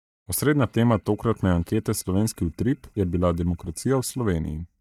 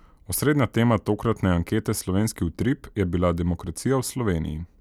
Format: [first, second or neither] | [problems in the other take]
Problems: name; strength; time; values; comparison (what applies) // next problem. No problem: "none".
second | noise reduction (neural mask model DeepFilterNet 3)